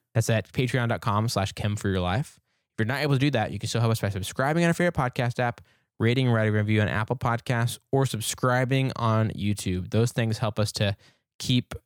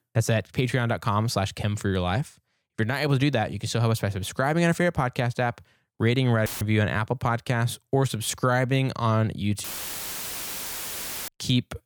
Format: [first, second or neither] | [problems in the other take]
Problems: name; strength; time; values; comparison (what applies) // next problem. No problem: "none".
first | audio cutting out; filled with static; at 6.5 s and at 9.5 s for 1.5 s